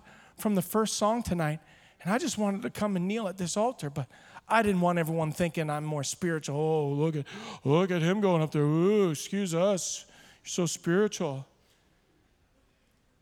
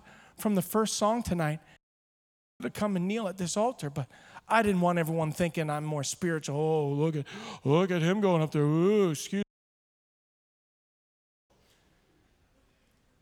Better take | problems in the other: first | audio cutting out; at 2 s for 1 s and at 9.5 s for 2 s

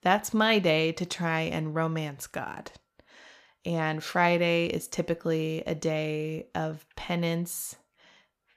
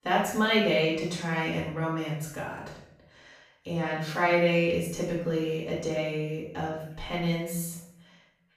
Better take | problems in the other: first | room echo; noticeable; dies away in 0.6 s // off-mic speech; far

